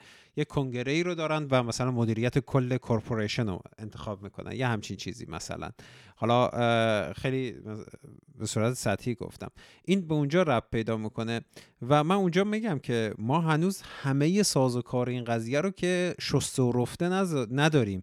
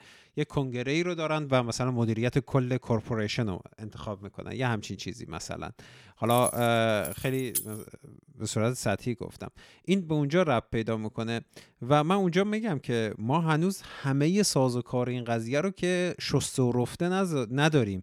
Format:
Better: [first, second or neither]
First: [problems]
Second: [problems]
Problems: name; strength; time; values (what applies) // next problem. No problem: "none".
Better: first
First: none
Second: jangling keys; noticeable; from 6.5 to 7.5 s; peak 4 dB below the speech